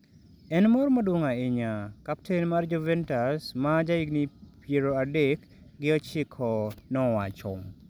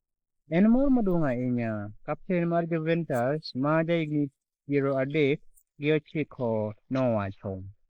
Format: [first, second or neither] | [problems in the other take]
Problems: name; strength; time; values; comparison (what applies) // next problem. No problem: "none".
first | noise reduction (neural mask model Resemble Enhance denoiser)